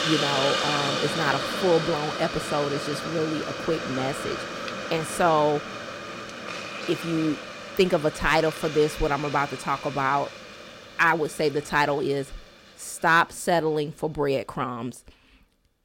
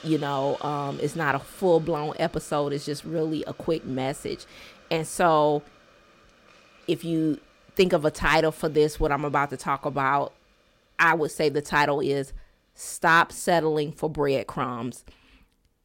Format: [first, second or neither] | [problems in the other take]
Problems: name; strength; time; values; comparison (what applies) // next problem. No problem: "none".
second | hiss; loud; throughout; 5 dB below the speech; faint in the second